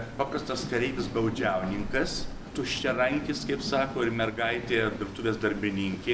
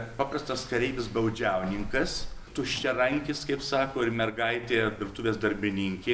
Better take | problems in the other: second | background sound (Train); 10 dB below the speech

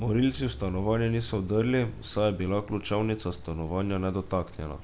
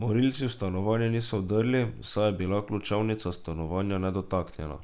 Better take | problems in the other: second | background sound (Car passing by / Idling / Accelerating, revving, vroom); 17 dB below the speech

